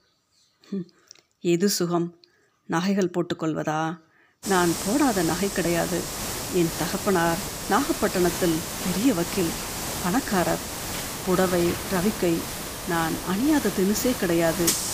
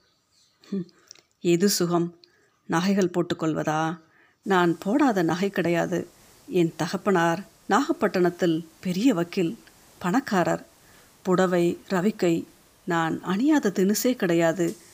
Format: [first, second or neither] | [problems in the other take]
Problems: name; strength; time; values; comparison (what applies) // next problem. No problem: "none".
second | hiss; loud; from 4.5 s on; 5 dB below the speech; faint in the second